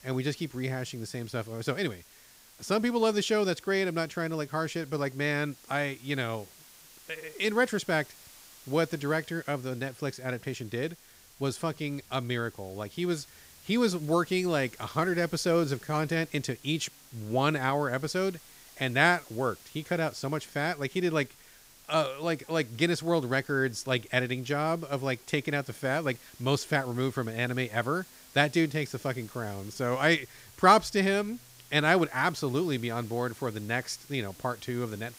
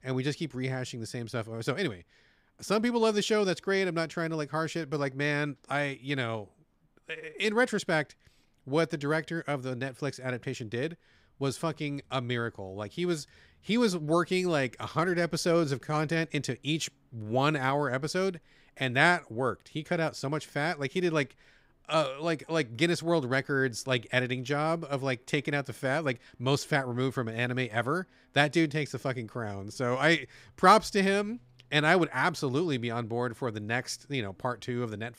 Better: second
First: hiss; faint; throughout; 20 dB below the speech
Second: none

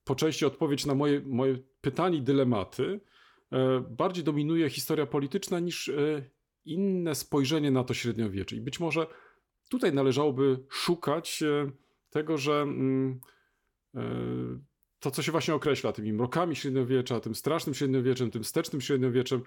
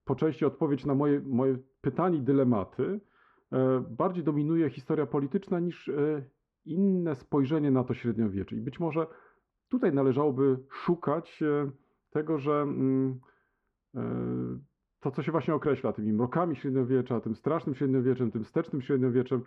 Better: first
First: none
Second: muffled; very; fading above 1.5 kHz

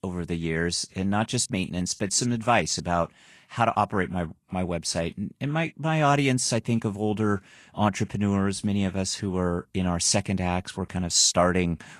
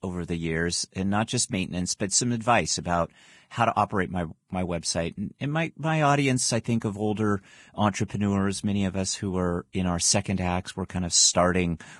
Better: first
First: garbled, watery; slightly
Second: garbled, watery; badly

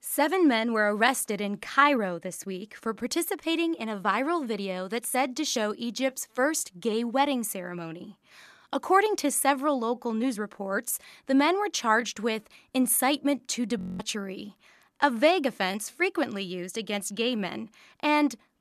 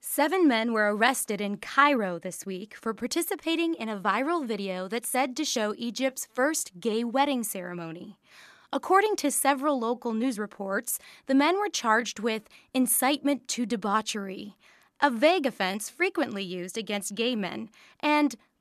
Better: second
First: audio freezing; at 14 s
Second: none

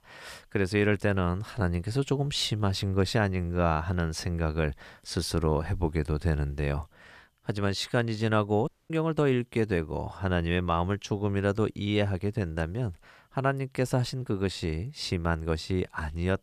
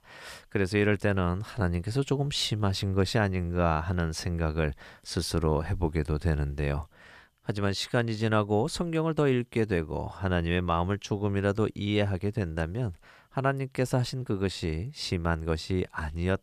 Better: second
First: audio cutting out; at 8.5 s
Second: none

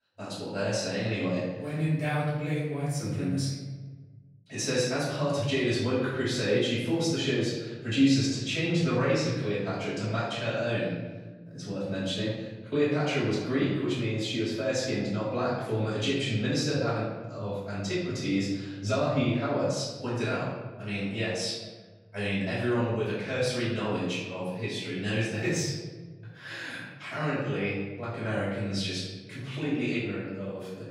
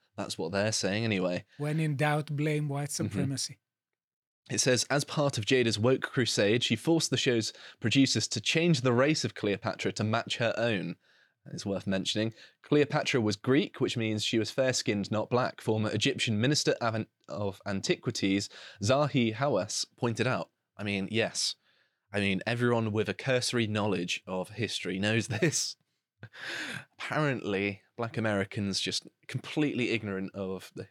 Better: second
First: off-mic speech; far // room echo; noticeable; dies away in 1.3 s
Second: none

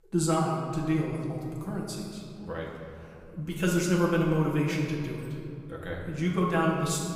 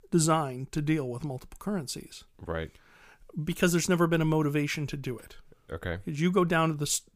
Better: second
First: off-mic speech; far // room echo; noticeable; dies away in 2.2 s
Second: none

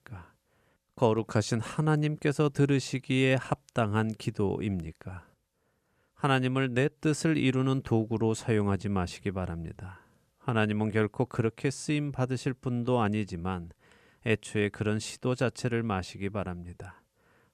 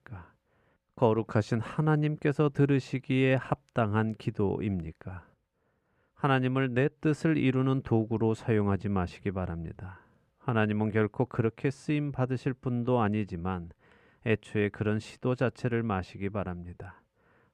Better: first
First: none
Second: muffled; slightly; fading above 3.5 kHz

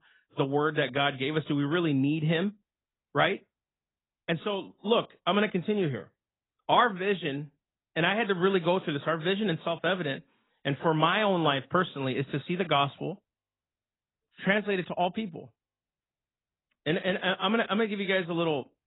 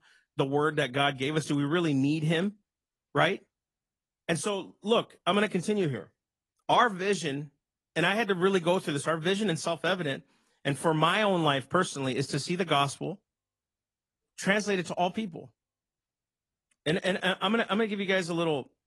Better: second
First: garbled, watery; badly; nothing above 4 kHz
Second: garbled, watery; slightly

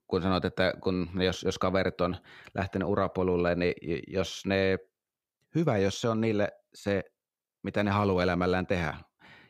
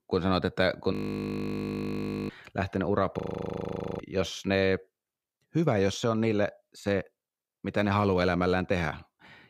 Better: first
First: none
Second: audio freezing; at 1 s for 1.5 s and at 3 s for 1 s

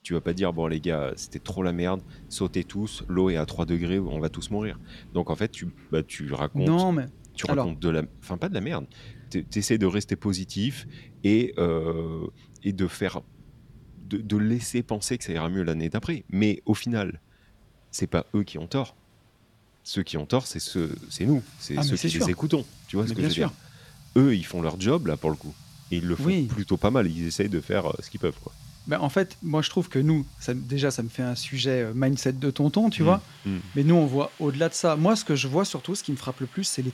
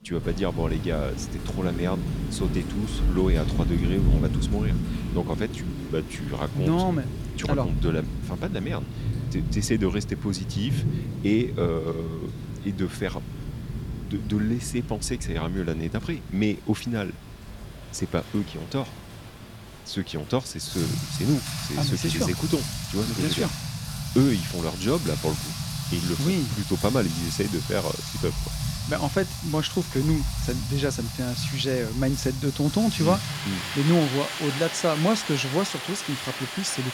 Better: first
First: rain or running water; faint; throughout; 20 dB below the speech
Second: rain or running water; loud; throughout; 3 dB below the speech

